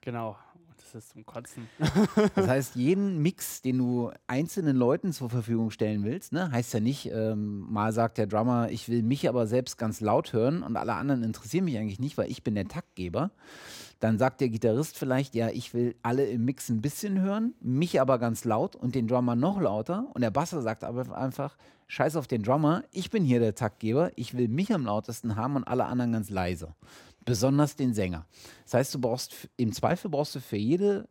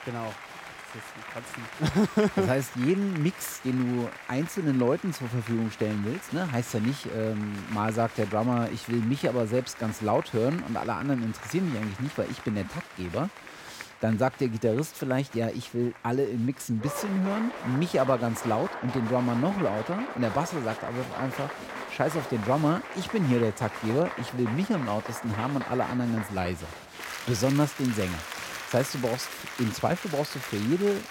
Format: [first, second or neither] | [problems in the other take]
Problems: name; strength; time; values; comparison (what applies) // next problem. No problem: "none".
first | crowd noise; noticeable; throughout; 10 dB below the speech